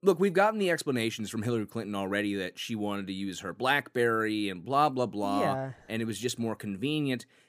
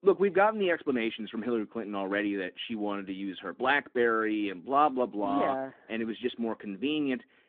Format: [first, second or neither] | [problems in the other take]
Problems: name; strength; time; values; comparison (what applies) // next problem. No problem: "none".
first | phone-call audio; nothing above 3.5 kHz